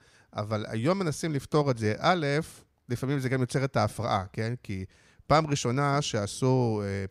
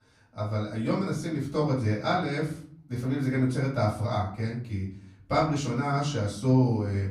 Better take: first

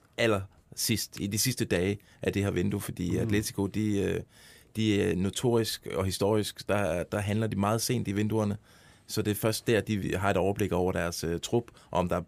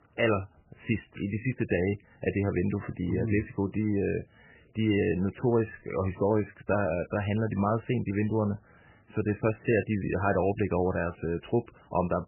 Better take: first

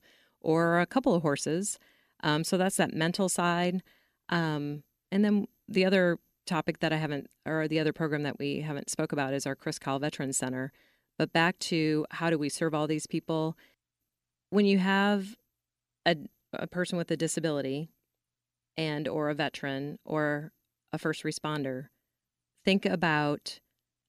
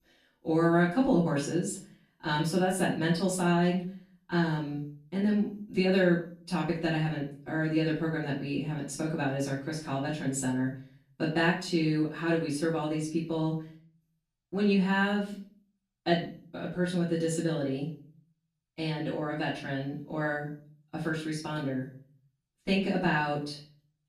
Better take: first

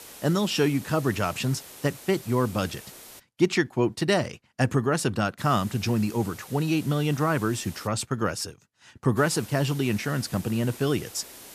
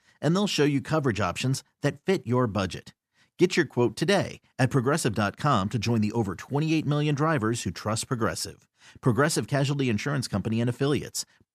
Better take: second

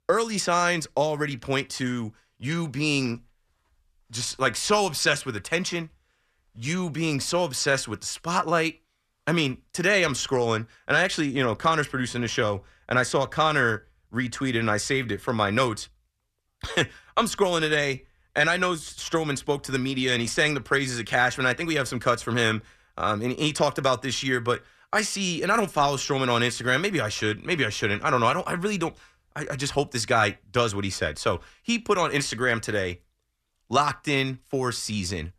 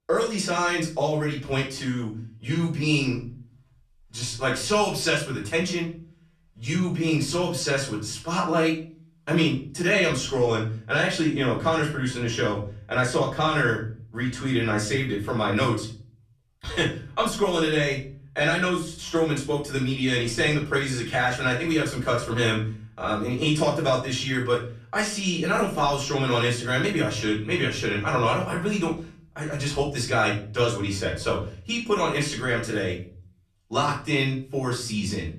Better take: first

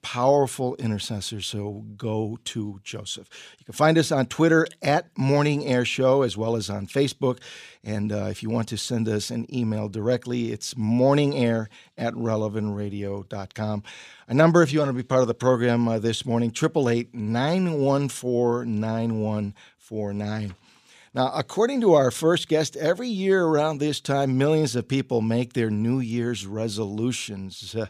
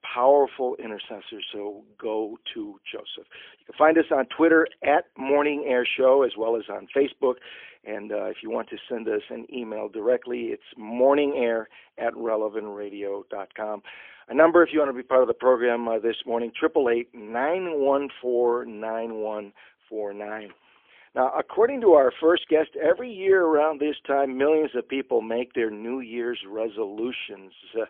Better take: first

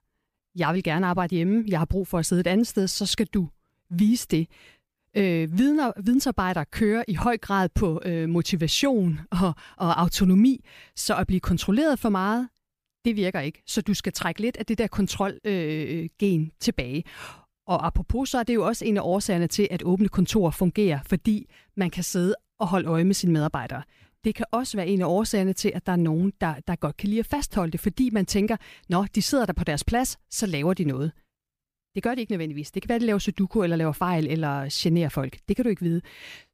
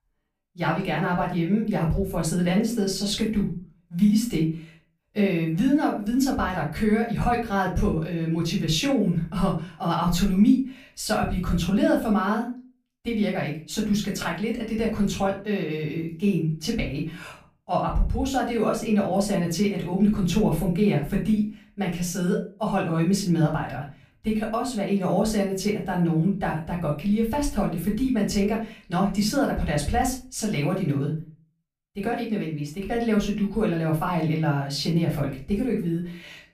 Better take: first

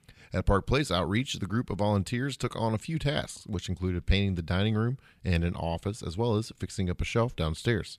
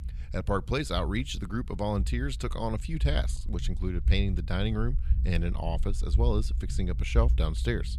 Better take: first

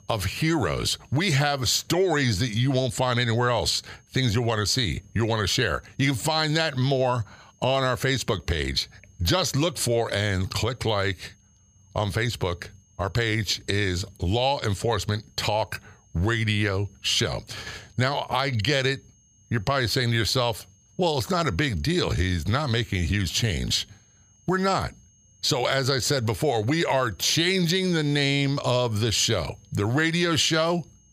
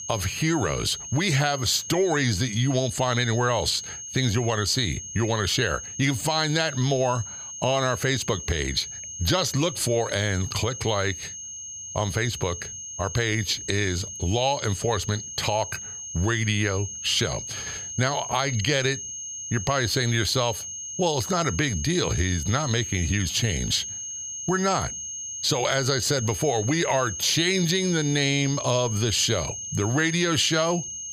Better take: first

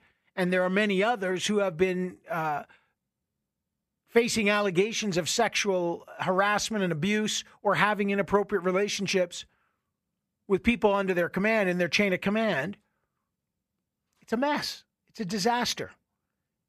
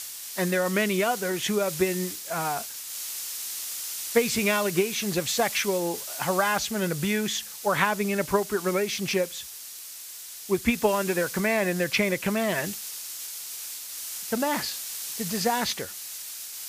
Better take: first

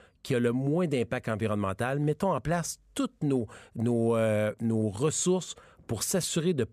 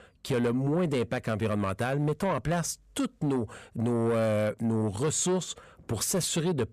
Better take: first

